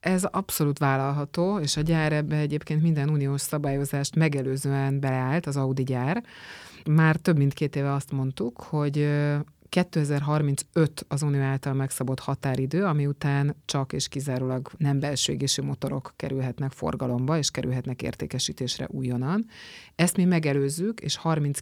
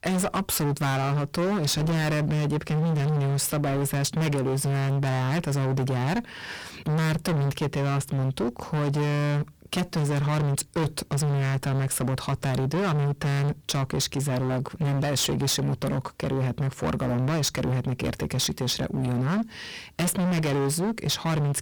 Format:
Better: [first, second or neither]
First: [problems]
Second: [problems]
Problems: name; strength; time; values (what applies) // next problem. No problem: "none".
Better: first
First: none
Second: distortion; heavy; 36% of the sound clipped